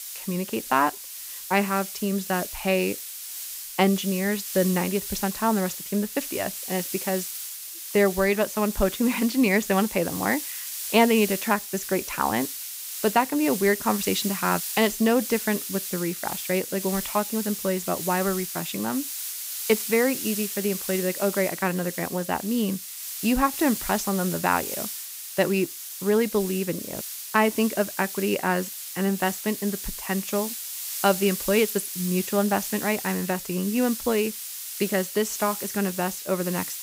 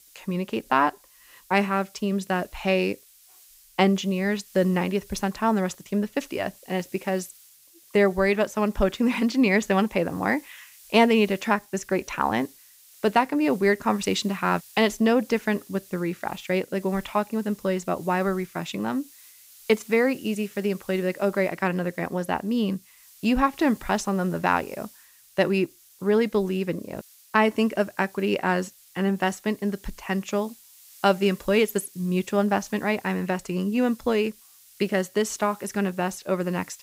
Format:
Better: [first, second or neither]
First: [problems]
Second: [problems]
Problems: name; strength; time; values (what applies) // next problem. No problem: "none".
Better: second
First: hiss; loud; throughout; 6 dB below the speech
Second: hiss; faint; throughout; 25 dB below the speech